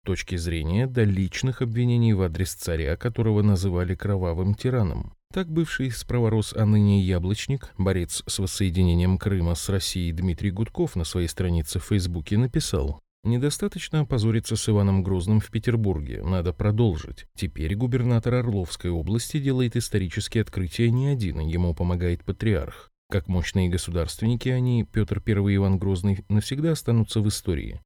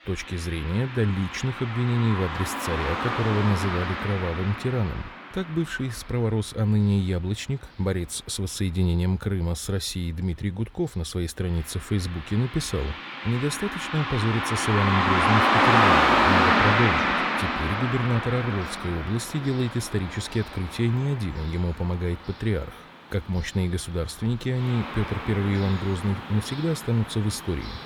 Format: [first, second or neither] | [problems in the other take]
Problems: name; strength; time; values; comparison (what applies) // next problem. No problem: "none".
first | traffic noise; very loud; throughout; 2 dB above the speech